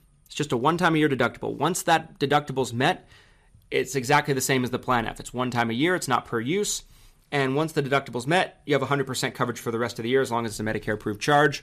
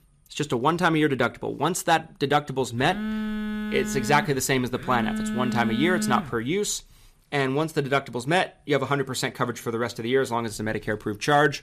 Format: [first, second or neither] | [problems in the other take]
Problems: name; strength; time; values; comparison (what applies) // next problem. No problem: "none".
first | phone ringing; noticeable; from 3 to 6.5 s; peak 2 dB below the speech